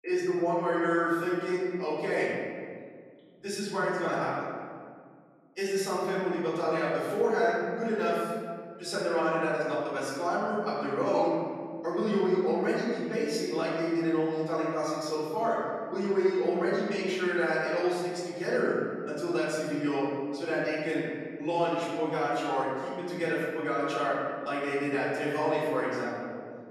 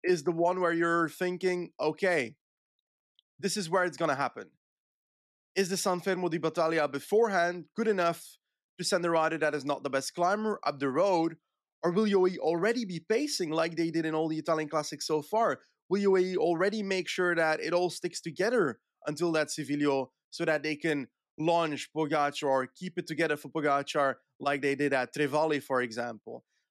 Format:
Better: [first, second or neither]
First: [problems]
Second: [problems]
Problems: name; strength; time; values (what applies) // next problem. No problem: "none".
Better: second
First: off-mic speech; far // room echo; strong; dies away in 1.8 s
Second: none